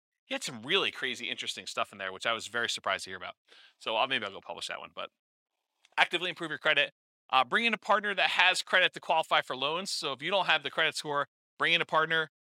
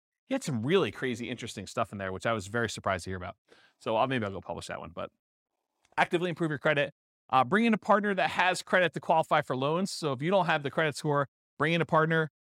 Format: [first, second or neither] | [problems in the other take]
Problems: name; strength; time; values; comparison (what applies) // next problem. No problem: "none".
second | thin; somewhat; fading below 850 Hz